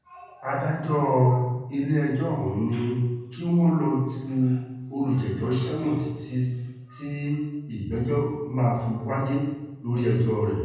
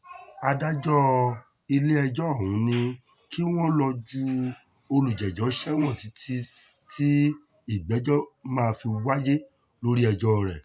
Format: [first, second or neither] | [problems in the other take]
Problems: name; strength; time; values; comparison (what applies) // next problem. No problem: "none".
second | room echo; dies away in 1.1 s